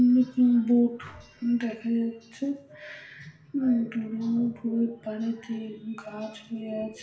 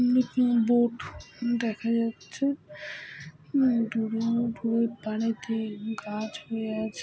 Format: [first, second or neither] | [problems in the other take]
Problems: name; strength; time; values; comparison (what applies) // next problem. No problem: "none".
second | room echo; dies away in 0.7 s